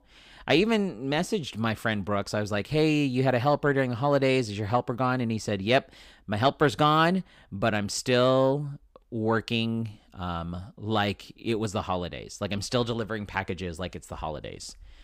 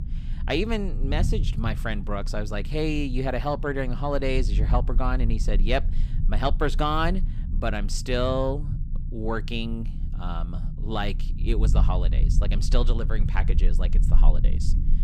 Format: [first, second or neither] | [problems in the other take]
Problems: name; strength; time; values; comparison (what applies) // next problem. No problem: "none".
first | low rumble; noticeable; throughout; 15 dB below the speech